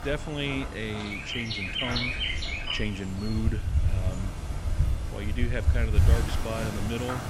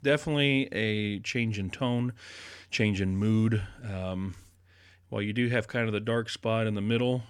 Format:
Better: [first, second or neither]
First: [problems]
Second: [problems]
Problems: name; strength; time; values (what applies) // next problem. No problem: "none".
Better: second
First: animal sounds; very loud; throughout; 4 dB above the speech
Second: none